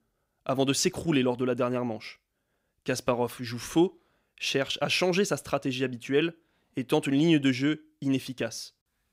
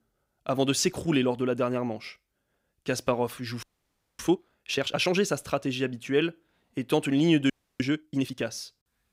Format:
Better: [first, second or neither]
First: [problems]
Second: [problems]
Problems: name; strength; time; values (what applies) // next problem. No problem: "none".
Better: first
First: none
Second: audio freezing; at 3.5 s for 0.5 s and at 7.5 s